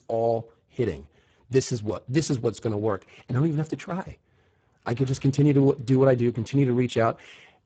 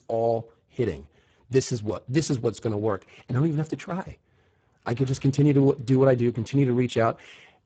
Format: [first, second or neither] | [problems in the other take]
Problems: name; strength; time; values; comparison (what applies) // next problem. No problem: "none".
neither | garbled, watery; badly; nothing above 8 kHz; the same in both